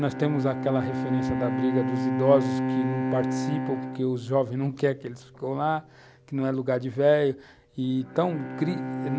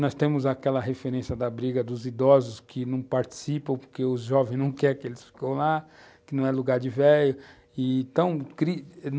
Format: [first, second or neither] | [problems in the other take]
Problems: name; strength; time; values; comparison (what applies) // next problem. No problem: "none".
second | background sound (Bowed string instrument); 4 dB below the speech